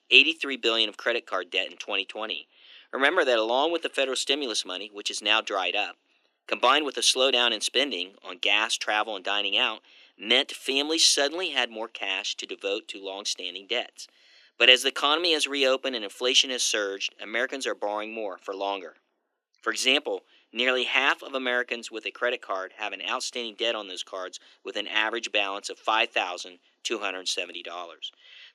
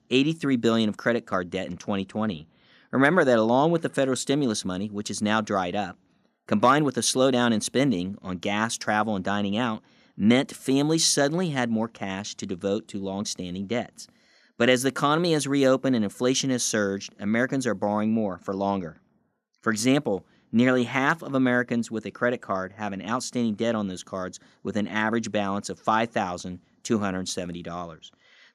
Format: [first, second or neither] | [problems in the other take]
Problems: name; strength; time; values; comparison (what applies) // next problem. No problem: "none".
second | thin; somewhat; fading below 300 Hz